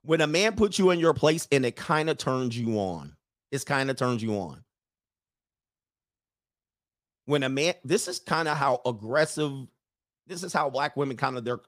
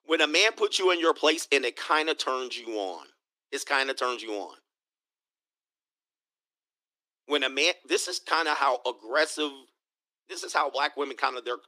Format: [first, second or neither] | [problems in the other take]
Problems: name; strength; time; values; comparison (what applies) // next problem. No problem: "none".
first | thin; somewhat; fading below 300 Hz